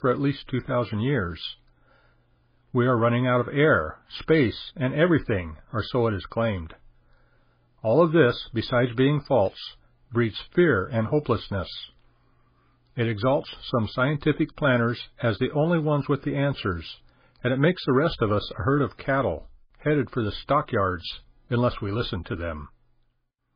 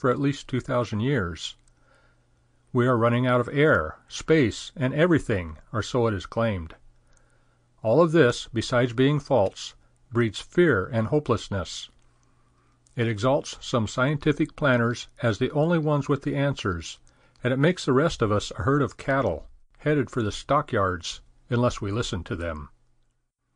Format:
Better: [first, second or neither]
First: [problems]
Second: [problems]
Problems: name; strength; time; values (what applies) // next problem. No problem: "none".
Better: second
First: garbled, watery; badly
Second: garbled, watery; slightly; nothing above 8.5 kHz